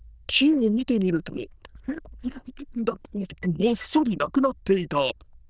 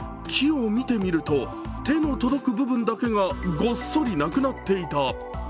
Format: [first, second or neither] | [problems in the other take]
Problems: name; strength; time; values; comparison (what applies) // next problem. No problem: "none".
second | noise reduction (neural diffusion model UNIVERSE++)